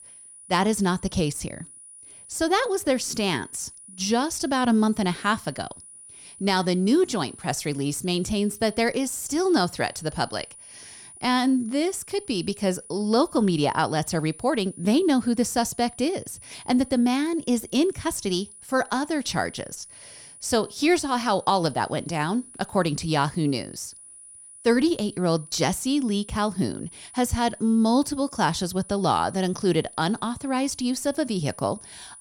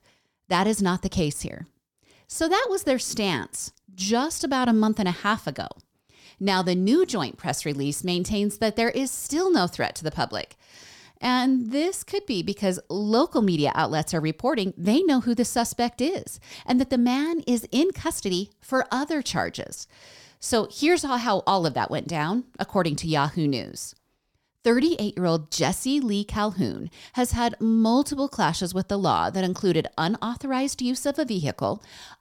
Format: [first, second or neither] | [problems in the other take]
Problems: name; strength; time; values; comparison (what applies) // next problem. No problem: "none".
second | high-pitched whine; noticeable; throughout; 9.5 kHz, 20 dB below the speech